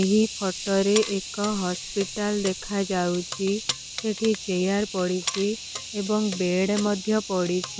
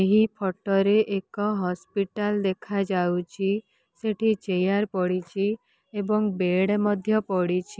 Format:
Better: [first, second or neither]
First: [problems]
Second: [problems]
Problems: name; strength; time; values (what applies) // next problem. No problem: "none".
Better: second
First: background sound (Keys jangling + Hiss); 9 dB below the speech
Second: none